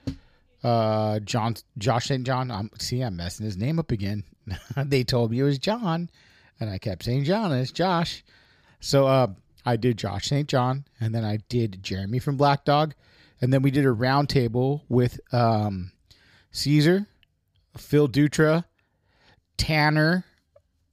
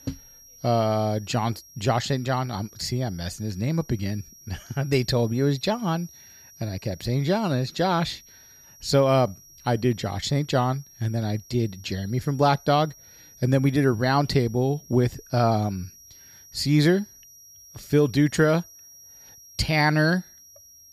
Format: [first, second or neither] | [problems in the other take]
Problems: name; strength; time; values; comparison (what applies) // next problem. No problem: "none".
first | high-pitched whine; faint; throughout; 5.5 kHz, 25 dB below the speech